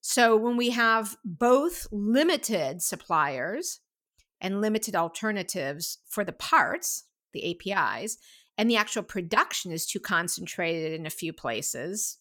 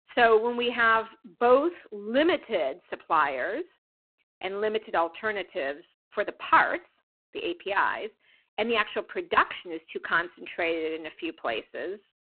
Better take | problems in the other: first | phone-call audio; poor line

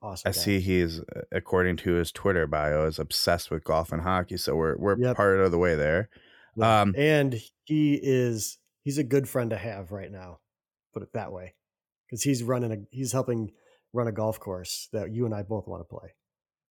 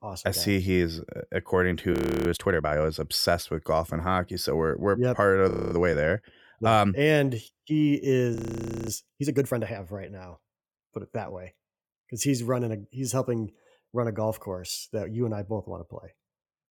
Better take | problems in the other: first | audio freezing; at 2 s, at 5.5 s and at 8.5 s for 0.5 s

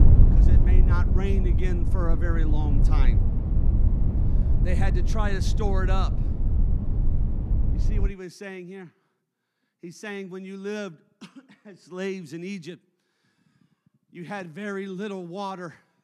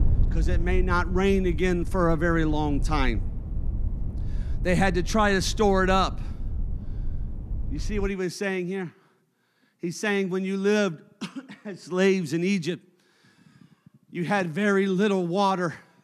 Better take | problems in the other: second | low rumble; loud; until 8 s; 4 dB below the speech; faint in the second

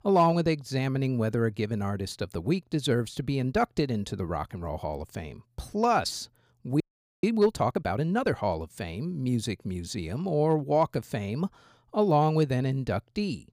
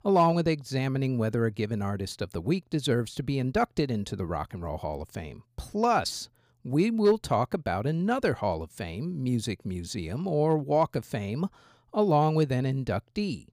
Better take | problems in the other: second | audio freezing; at 7 s

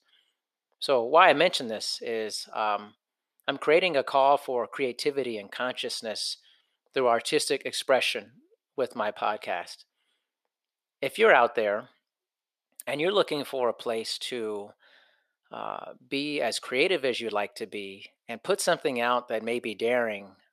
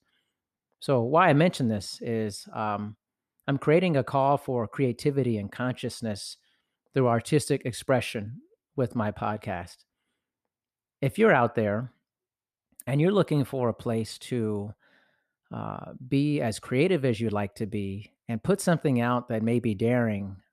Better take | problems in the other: second | thin; somewhat; fading below 500 Hz

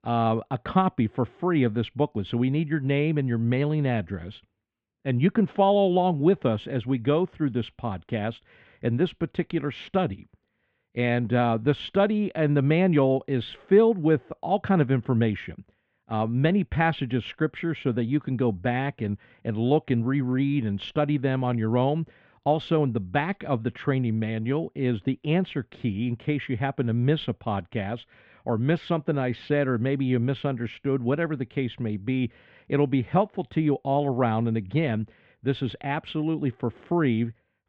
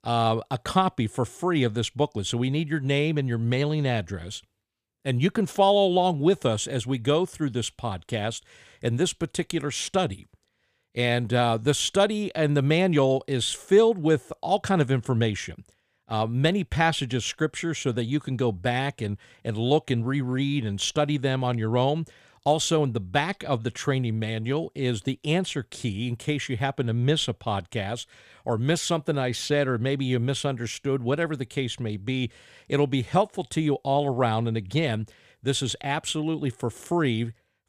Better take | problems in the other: second | muffled; very; fading above 2.5 kHz

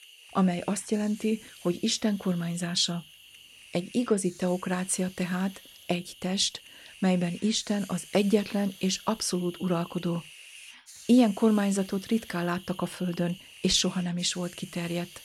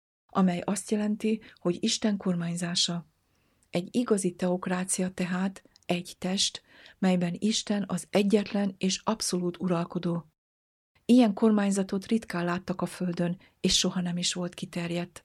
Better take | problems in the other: second | hiss; noticeable; throughout; 20 dB below the speech

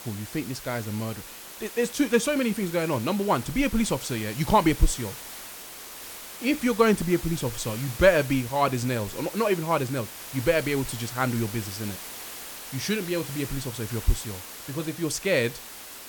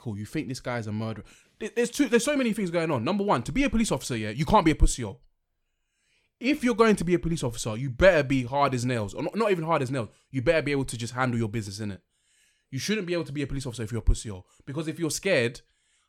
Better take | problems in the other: second | hiss; noticeable; throughout; 10 dB below the speech

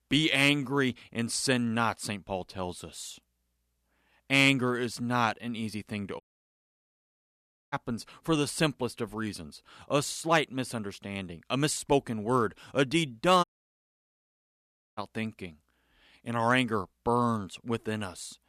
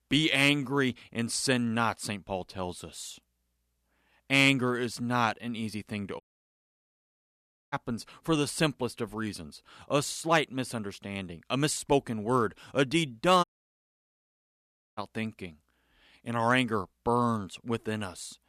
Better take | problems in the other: neither | audio cutting out; at 6 s for 1.5 s and at 13 s for 1.5 s; the same in both

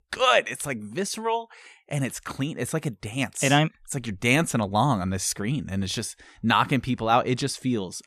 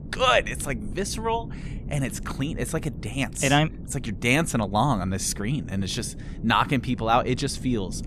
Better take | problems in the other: first | wind noise on the microphone; occasional gusts; 20 dB below the speech

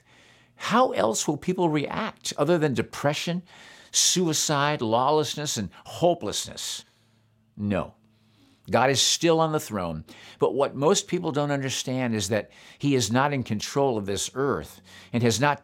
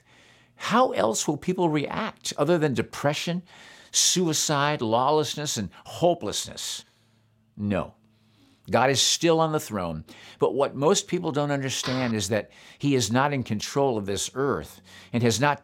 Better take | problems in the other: first | door banging; noticeable; at 12 s; peak 9 dB below the speech

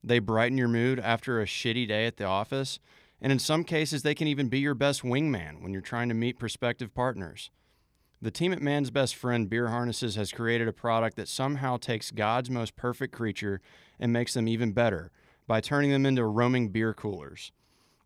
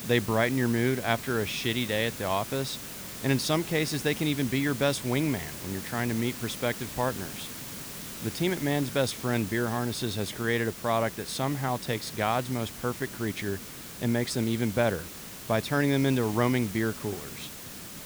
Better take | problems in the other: first | hiss; loud; throughout; 10 dB below the speech

